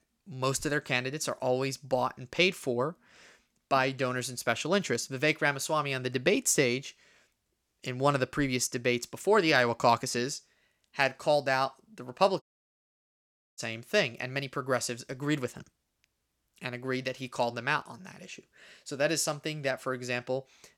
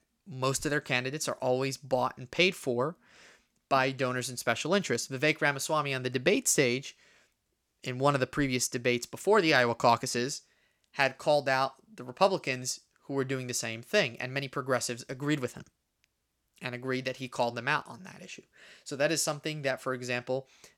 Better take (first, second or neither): second